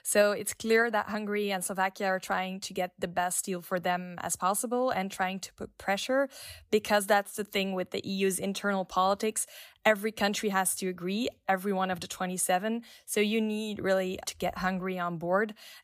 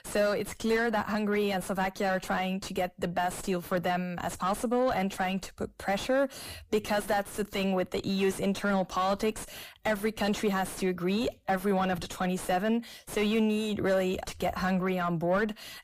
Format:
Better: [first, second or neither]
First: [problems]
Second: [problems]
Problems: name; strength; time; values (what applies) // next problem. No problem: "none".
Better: first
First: none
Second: distortion; heavy; 4 dB below the speech